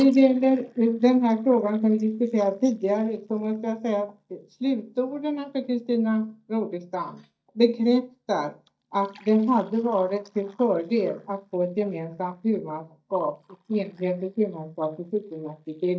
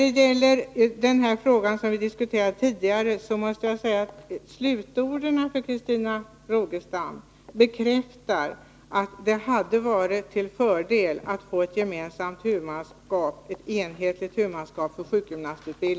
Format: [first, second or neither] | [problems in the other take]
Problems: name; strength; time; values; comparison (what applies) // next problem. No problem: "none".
second | noise reduction (neural mask model DeepFilterNet 3)